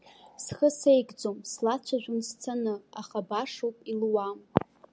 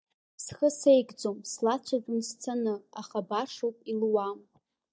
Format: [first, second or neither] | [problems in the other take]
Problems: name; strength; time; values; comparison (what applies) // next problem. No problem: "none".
first | noise reduction (neural mask model DeepFilterNet 3)